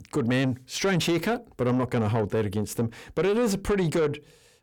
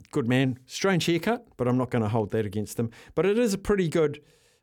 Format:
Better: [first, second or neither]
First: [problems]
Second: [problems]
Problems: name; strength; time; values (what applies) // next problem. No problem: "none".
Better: second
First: distortion; slight; 10 dB below the speech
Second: none